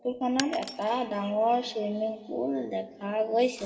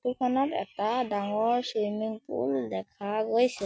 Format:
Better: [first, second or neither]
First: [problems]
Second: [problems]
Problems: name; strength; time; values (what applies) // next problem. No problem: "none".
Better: second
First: background sound (Shatter); 13 dB below the speech // room echo; dies away in 2.6 s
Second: none